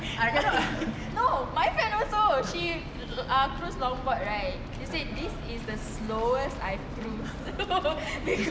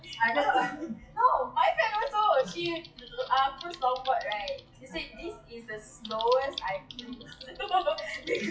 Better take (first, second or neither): first